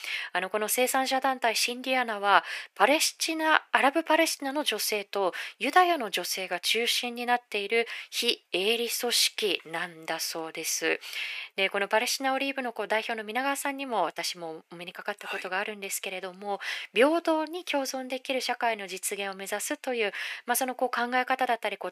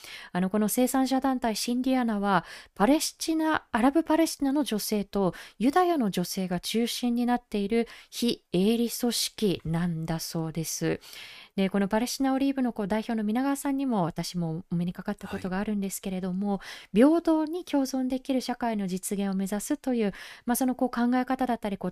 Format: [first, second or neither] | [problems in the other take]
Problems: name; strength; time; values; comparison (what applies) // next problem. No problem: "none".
second | thin; very; fading below 450 Hz